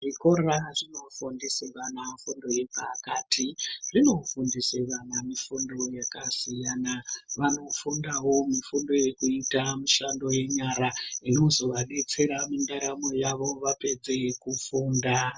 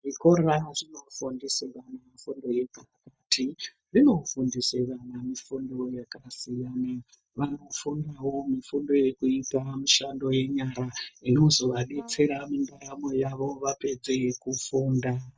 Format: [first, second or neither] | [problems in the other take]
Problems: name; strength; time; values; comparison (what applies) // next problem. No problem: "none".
first | noise reduction (neural mask model DeepFilterNet 3)